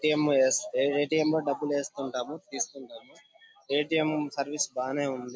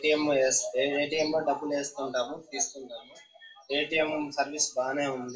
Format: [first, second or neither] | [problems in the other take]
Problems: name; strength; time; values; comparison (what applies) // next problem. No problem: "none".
first | room echo; dies away in 0.2 s